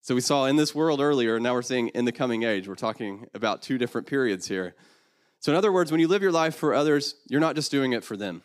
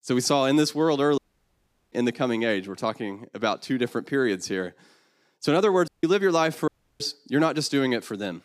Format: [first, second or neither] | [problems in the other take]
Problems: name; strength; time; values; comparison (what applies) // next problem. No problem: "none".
first | audio cutting out; at 1 s for 0.5 s, at 6 s and at 6.5 s